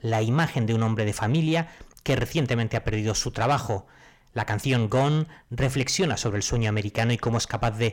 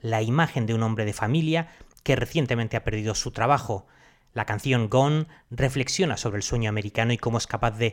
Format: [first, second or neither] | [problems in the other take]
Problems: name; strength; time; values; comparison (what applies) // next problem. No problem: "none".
second | distortion; slight; 10 dB below the speech